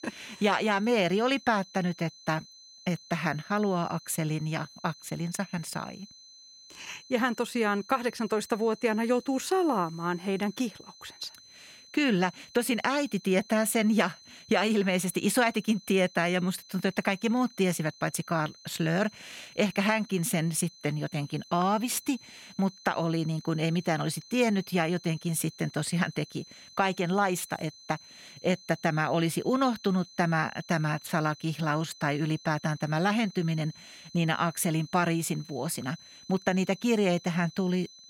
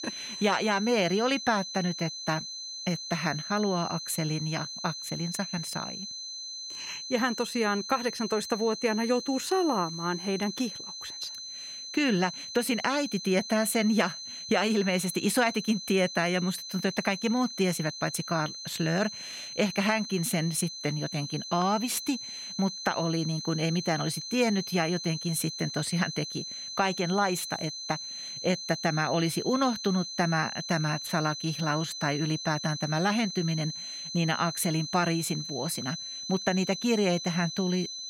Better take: first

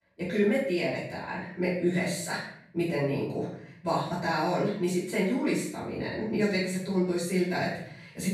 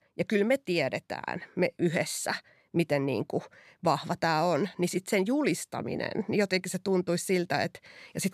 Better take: second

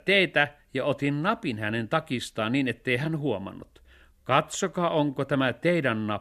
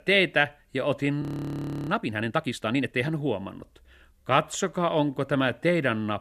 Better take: first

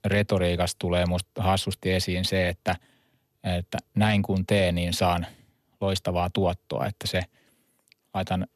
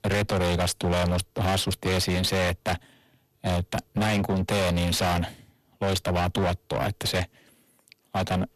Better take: first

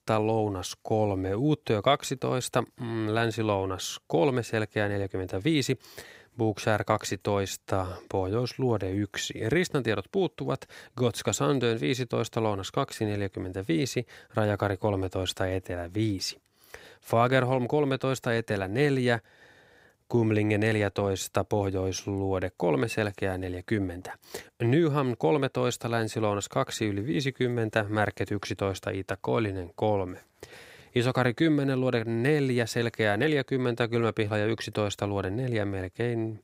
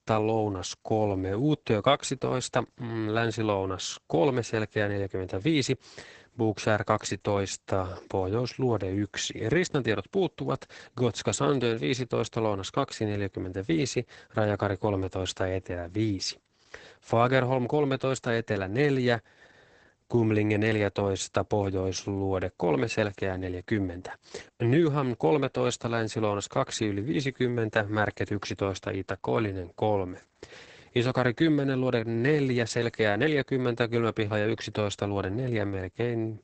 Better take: first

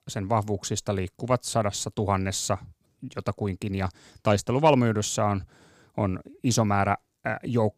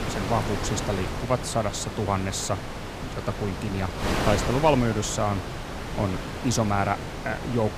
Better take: first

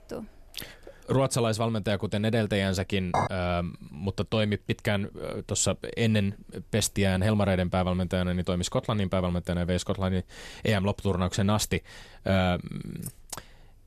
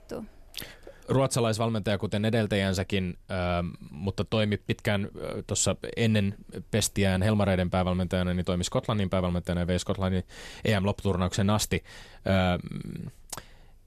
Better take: second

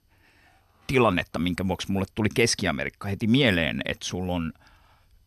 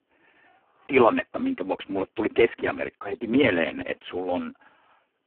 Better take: first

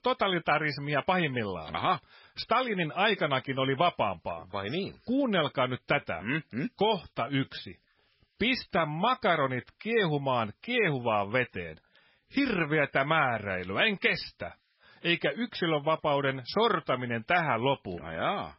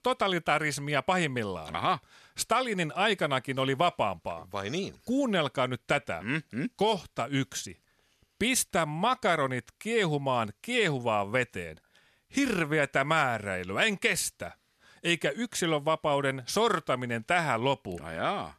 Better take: second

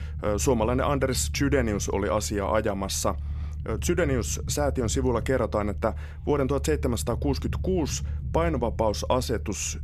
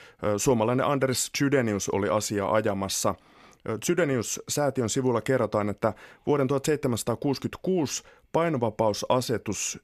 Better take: second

